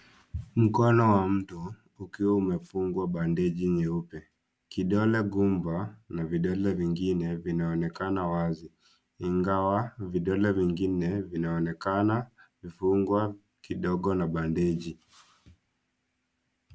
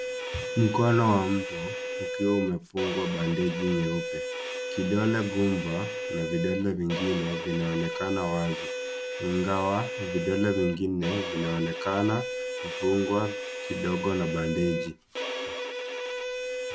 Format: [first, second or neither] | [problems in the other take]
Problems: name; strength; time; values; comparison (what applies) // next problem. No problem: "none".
first | background sound (Bowed string instrument); 5 dB below the speech